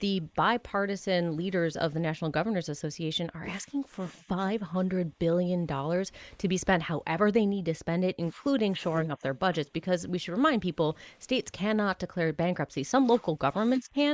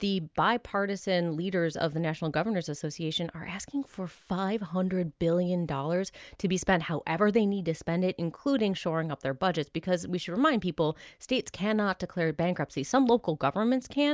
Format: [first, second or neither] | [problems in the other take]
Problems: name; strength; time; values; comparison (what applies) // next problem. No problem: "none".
second | noise reduction (neural mask model Resemble Enhance denoiser)